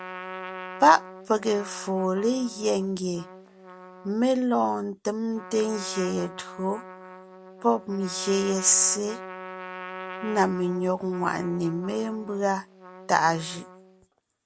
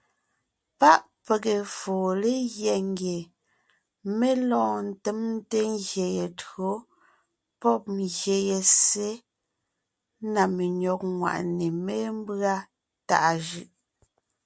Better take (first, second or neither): second